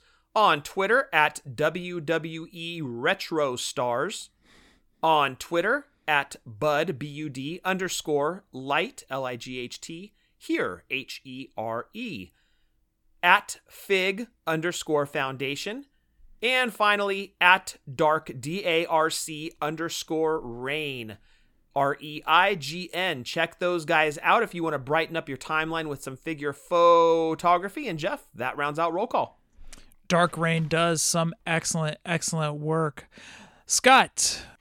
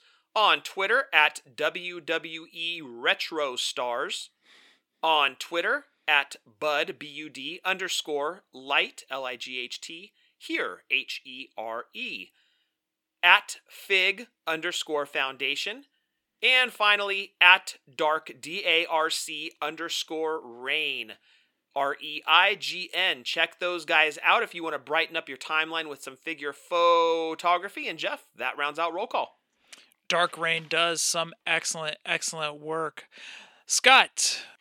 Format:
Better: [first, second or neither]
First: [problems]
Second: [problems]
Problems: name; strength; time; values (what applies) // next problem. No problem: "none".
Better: first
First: none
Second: thin; somewhat; fading below 350 Hz